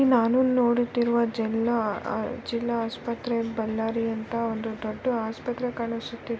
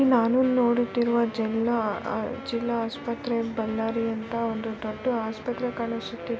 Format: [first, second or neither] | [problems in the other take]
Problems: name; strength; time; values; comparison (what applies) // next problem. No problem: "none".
first | background sound (Wind instrument, woodwind instrument); 15 dB below the speech